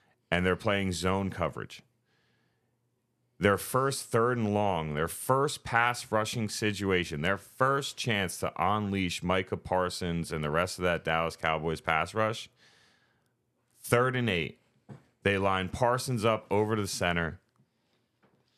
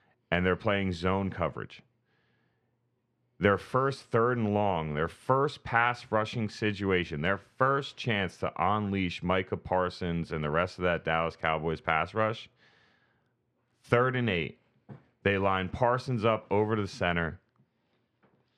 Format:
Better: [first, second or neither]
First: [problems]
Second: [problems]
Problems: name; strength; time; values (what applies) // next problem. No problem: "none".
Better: first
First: none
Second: muffled; slightly; fading above 3 kHz